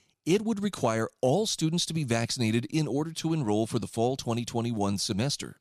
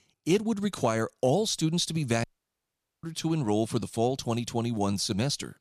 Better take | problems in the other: first | audio cutting out; at 2 s for 1 s

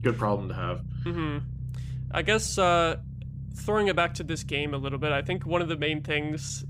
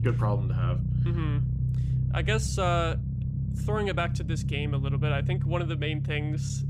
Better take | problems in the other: first | low rumble; loud; throughout; 9 dB below the speech; faint in the first

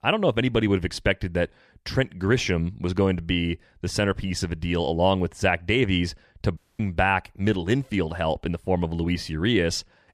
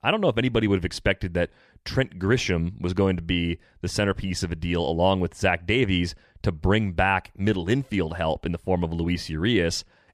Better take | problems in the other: second | audio cutting out; at 6.5 s

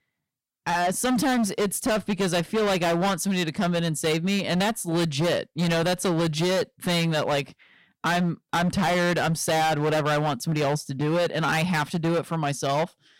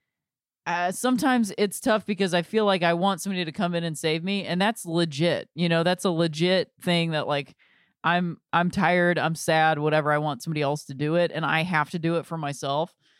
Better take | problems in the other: second | distortion; heavy; 24% of the sound clipped

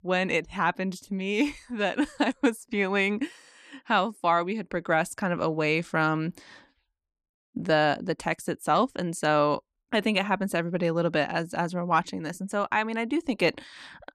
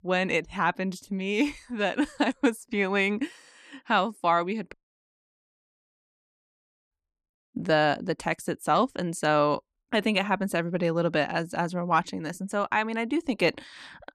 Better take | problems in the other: first | audio cutting out; at 4.5 s for 2 s

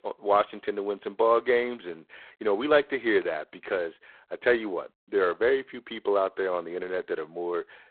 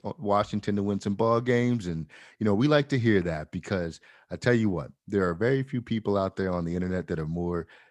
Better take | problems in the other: second | phone-call audio; poor line; nothing above 3.5 kHz

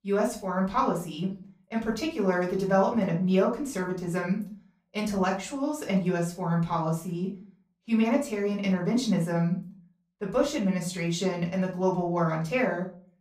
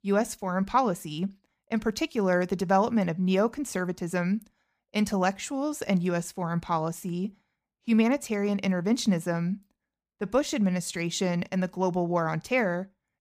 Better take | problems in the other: second | off-mic speech; far // room echo; slight; dies away in 0.3 s

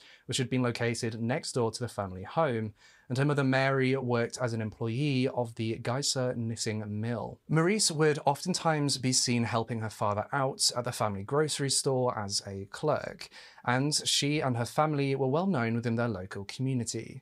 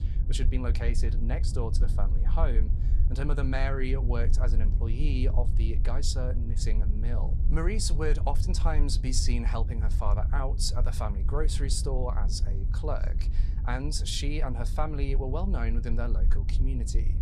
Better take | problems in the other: first | low rumble; noticeable; throughout; 10 dB below the speech

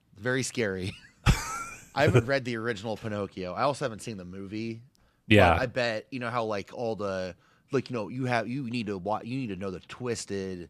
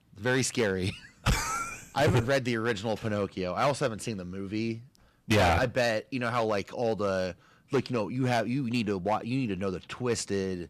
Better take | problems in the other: first | distortion; heavy; 5% of the sound clipped

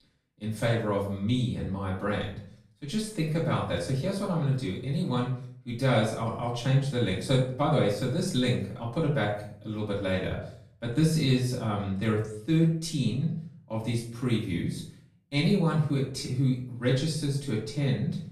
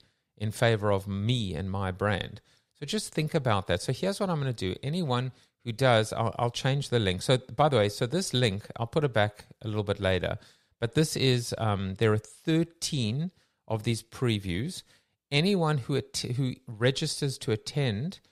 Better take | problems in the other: second | room echo; noticeable; dies away in 0.5 s // off-mic speech; far

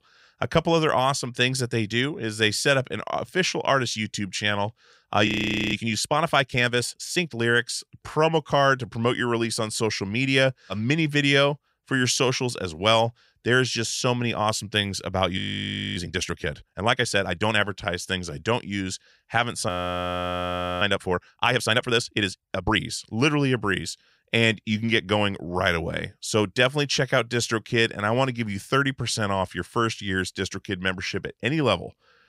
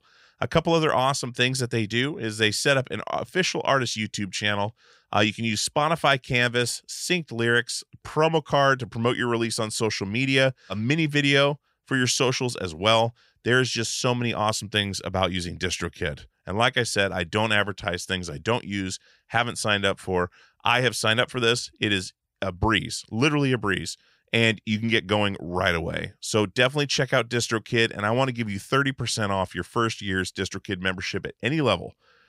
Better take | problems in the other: second | audio freezing; at 5.5 s, at 15 s for 0.5 s and at 20 s for 1 s

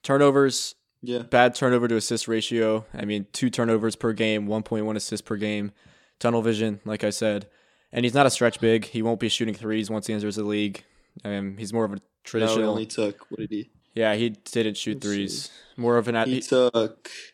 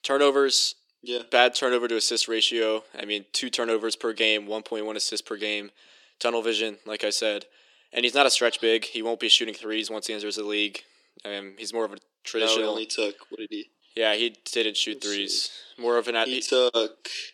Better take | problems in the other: first | thin; somewhat; fading below 350 Hz

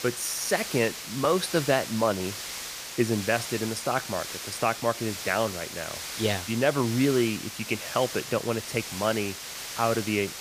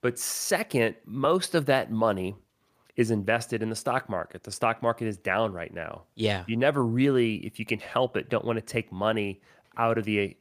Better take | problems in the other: second | hiss; loud; throughout; 7 dB below the speech

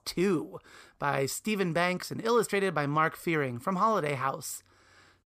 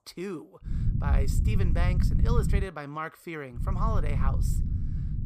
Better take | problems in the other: first | low rumble; loud; from 0.5 to 2.5 s and from 3.5 s on; 6 dB below the speech

